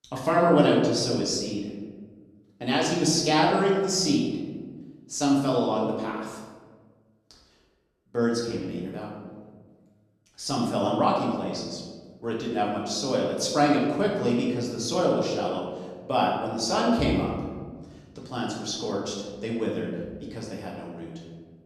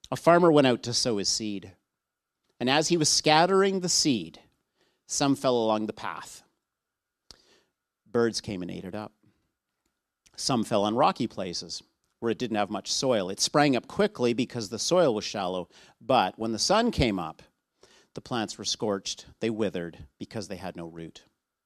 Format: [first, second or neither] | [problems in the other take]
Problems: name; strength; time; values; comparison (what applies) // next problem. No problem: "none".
second | room echo; noticeable; dies away in 1.4 s // off-mic speech; far